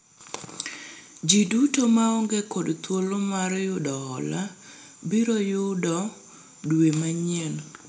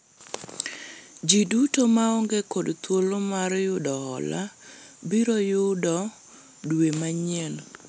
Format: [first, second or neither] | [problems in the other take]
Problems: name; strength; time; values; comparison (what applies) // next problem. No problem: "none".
second | room echo; dies away in 0.4 s